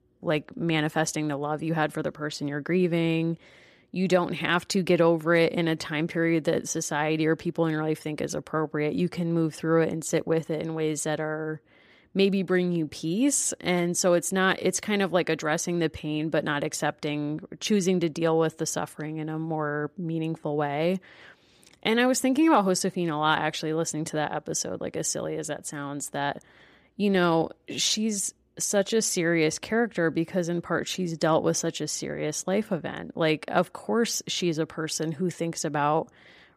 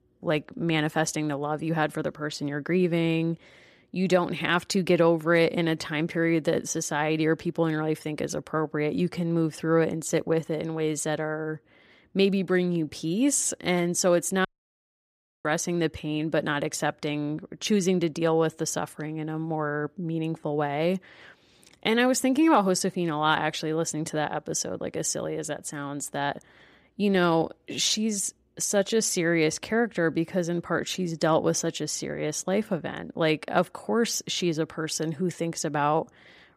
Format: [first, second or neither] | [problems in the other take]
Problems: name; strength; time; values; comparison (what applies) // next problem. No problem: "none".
first | audio cutting out; at 14 s for 1 s